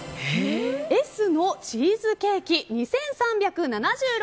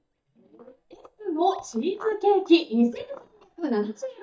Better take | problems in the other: first | noise reduction (neural mask model DeepFilterNet 3)

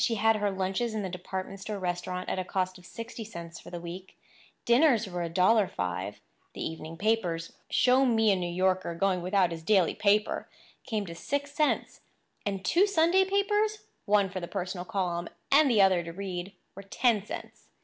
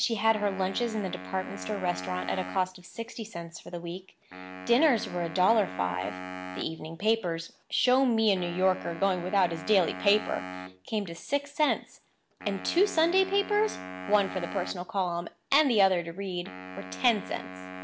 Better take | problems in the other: first | background sound (Wind instrument, woodwind instrument); 13 dB below the speech

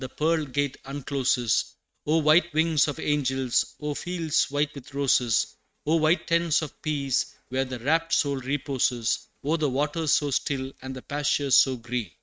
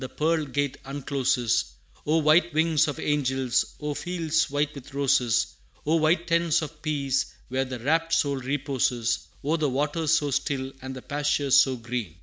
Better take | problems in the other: second | noise reduction (neural mask model RNNoise)

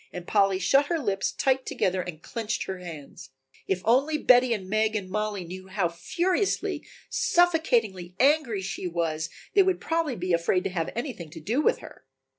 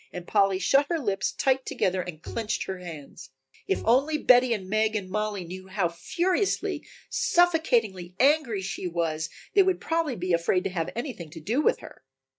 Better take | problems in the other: first | noise reduction (neural mask model RNNoise)

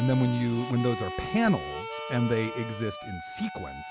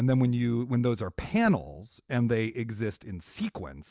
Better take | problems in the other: second | background sound (Harmonica); 9 dB below the speech

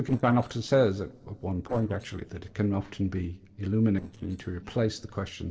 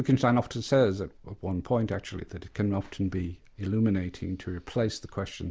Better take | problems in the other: second | noise reduction (neural separator model SepFormer DNS4)

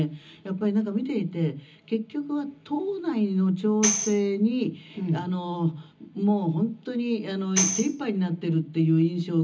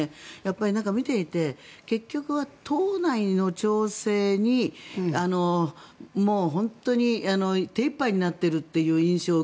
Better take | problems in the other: second | background sound (Tambourine); 5 dB below the speech // room echo; dies away in 0.4 s

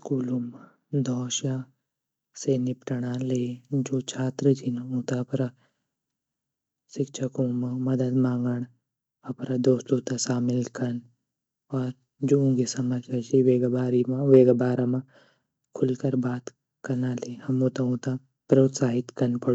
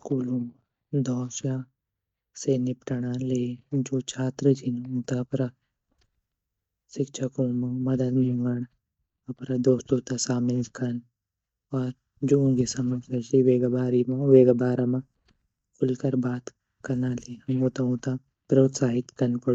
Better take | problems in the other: first | noise reduction (neural mask model DeepFilterNet 3)

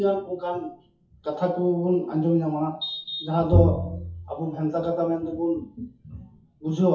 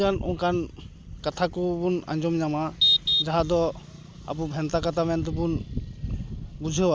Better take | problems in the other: second | noise reduction (classical method WPE with log-MMSE)

